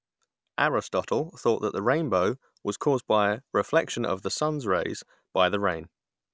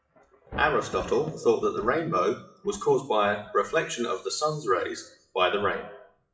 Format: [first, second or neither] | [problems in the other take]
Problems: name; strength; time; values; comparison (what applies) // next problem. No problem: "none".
first | noise reduction (classical method WPE with log-MMSE)